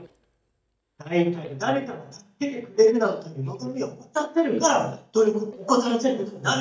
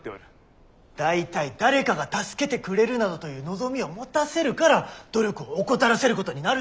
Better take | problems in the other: second | noise reduction (neural mask model DeepFilterNet 3)

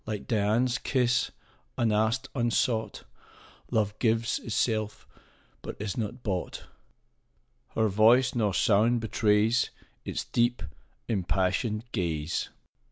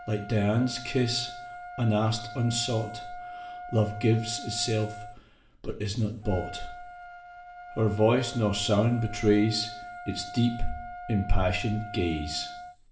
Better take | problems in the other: first | background sound (Trumpet); 14 dB below the speech // room echo; dies away in 0.5 s

